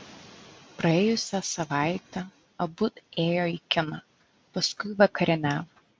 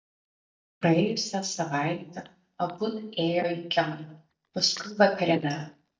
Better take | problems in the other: first | noise reduction (neural mask model DeepFilterNet 3)

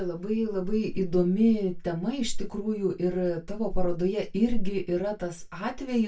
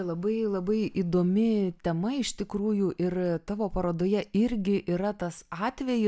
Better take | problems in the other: second | room echo; dies away in 0.2 s

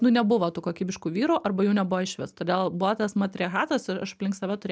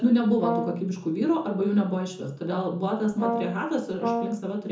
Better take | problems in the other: first | background sound (Brass instrument); 4 dB below the speech // room echo; dies away in 0.6 s

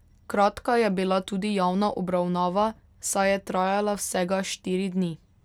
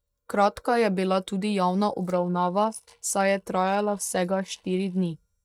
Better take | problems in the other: first | noise reduction (neural mask model DeepFilterNet 3)

